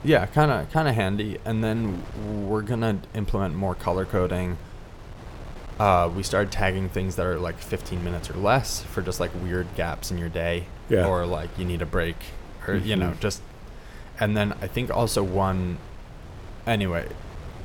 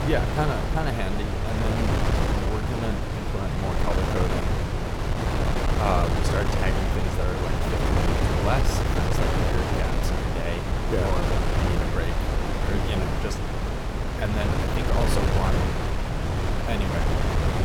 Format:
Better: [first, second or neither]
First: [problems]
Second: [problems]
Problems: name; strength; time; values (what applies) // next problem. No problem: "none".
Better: first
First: wind noise on the microphone; occasional gusts; 20 dB below the speech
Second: wind noise on the microphone; heavy; 3 dB above the speech